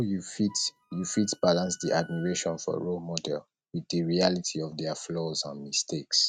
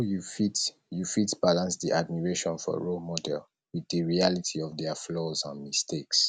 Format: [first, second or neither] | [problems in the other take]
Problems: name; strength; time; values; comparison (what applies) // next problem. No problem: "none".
second | noise reduction (neural mask model RNNoise)